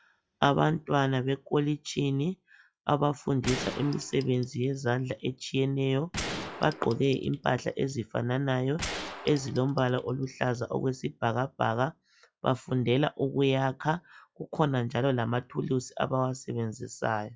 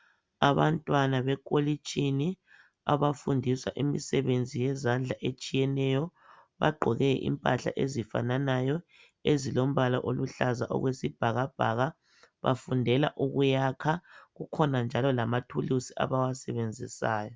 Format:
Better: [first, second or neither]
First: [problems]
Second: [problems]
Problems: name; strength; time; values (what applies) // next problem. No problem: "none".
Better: second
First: noise reduction (classical method log-MMSE)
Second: none